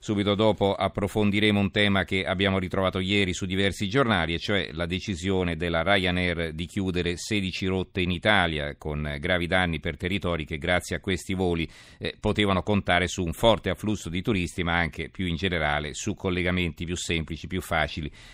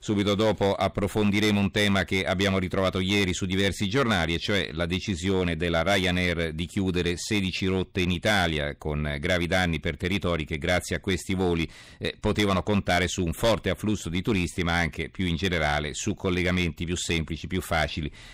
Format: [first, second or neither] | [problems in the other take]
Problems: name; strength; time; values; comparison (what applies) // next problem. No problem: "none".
first | distortion; slight; 5% of the sound clipped